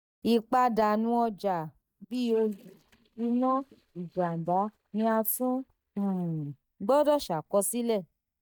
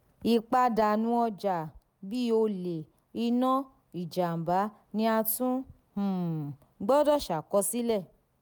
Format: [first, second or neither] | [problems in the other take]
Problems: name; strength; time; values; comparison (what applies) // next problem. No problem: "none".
second | noise reduction (neural mask model DeepFilterNet 3)